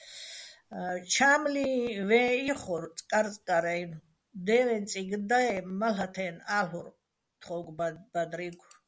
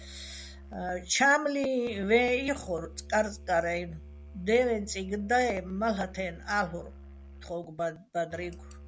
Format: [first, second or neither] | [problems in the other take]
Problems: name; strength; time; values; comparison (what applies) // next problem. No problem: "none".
first | background sound (Musical instrument); 17 dB below the speech